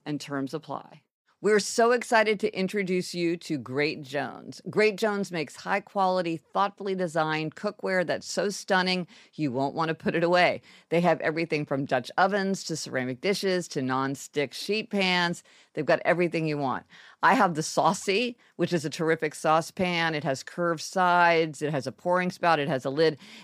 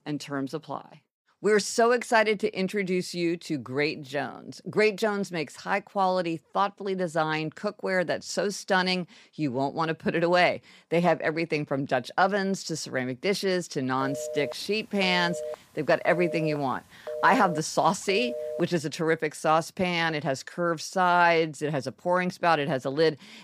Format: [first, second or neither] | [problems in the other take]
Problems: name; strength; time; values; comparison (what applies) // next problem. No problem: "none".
first | phone ringing; noticeable; from 14 to 19 s; peak 7 dB below the speech